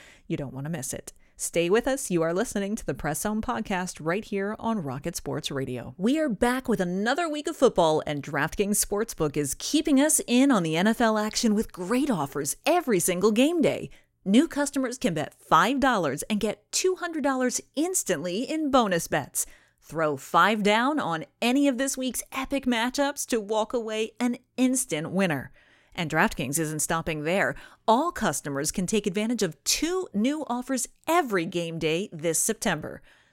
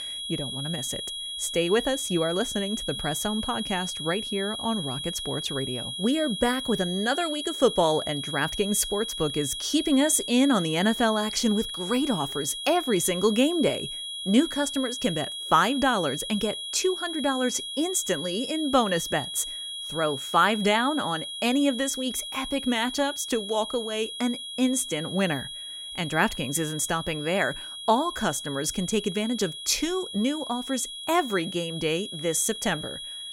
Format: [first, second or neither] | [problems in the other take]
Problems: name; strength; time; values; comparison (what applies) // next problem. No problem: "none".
first | high-pitched whine; loud; throughout; 3.5 kHz, 6 dB below the speech